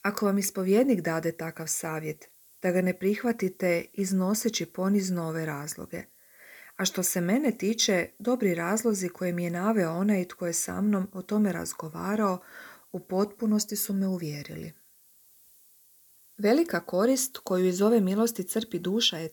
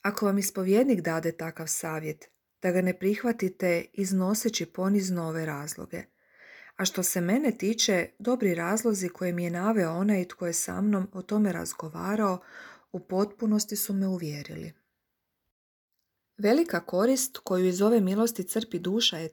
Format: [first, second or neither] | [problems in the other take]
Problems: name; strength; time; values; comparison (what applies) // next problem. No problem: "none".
second | hiss; faint; throughout; 30 dB below the speech